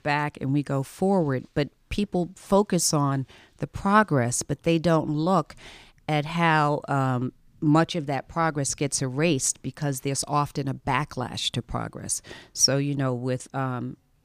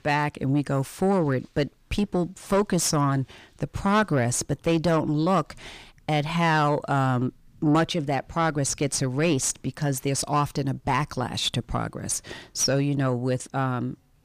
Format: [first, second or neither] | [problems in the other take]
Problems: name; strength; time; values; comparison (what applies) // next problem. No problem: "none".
first | distortion; slight; 10 dB below the speech